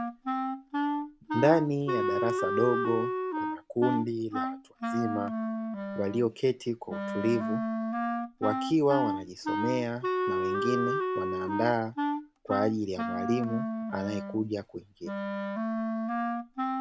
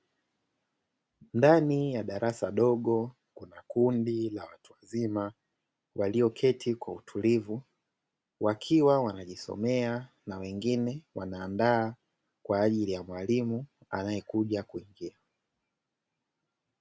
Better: second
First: background sound (Wind instrument, woodwind instrument); as loud as the speech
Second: none

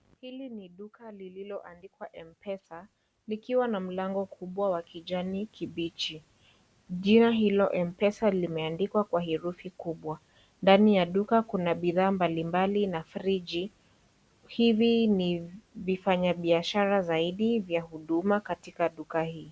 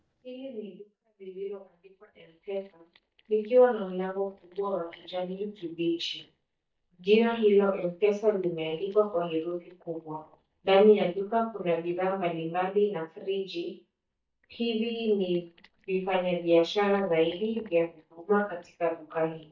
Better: first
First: none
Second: noise reduction (neural mask model DeepFilterNet 3)

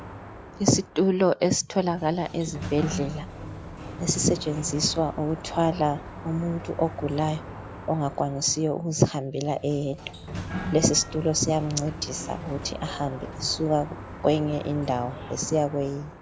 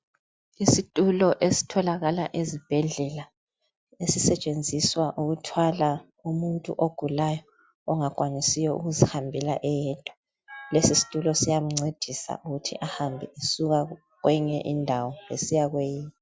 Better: second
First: background sound (Sliding door); 11 dB below the speech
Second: none

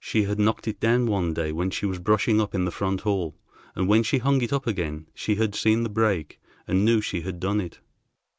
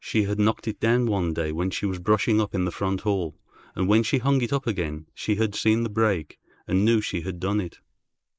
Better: first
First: none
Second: noise reduction (neural mask model Resemble Enhance denoiser)

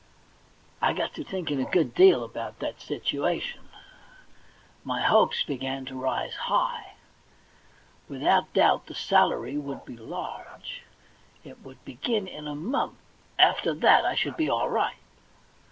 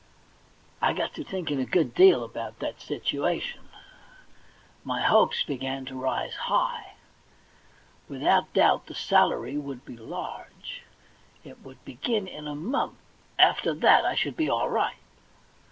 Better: second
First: background sound (Bark); 19 dB below the speech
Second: none

